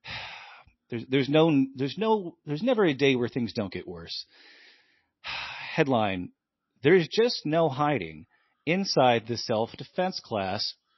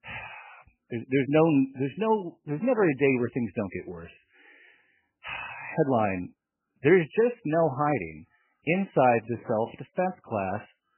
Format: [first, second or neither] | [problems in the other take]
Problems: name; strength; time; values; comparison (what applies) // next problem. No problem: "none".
first | garbled, watery; badly; nothing above 2.5 kHz; slightly in the first